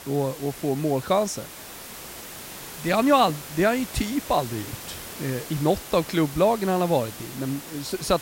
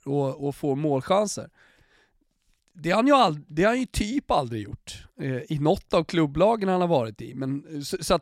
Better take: second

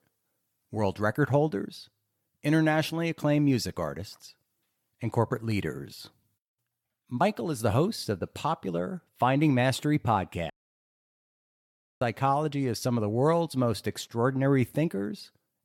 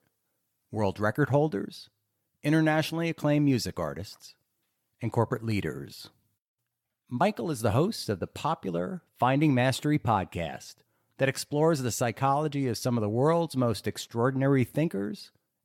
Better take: second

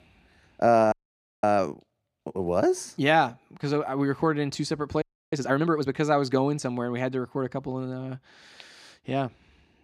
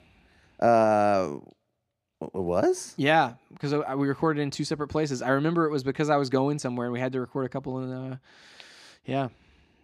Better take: second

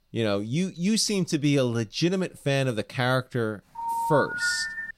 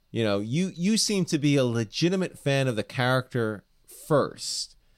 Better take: second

